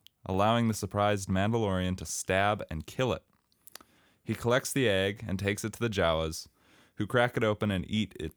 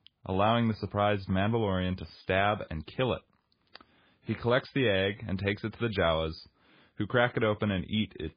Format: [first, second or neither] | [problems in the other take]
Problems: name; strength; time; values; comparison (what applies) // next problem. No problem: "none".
first | garbled, watery; badly